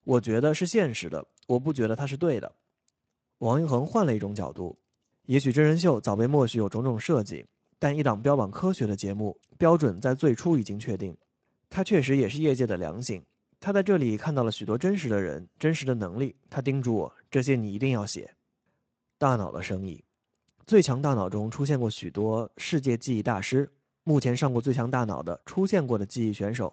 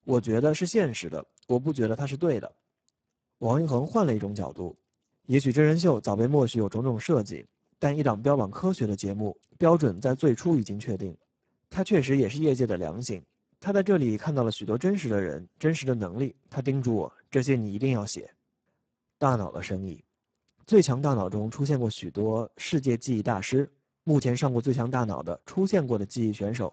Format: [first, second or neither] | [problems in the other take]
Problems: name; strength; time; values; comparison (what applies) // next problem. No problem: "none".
first | garbled, watery; badly; nothing above 8 kHz; slightly in the first